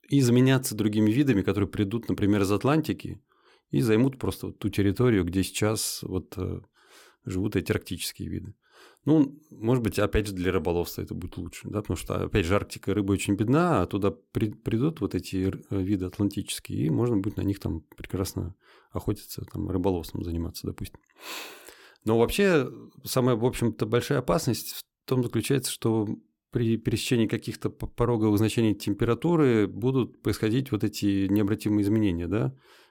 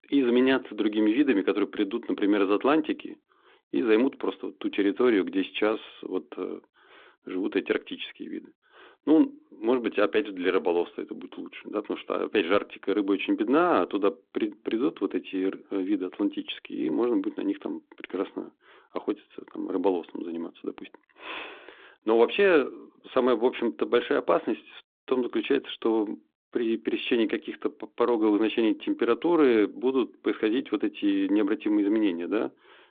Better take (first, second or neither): first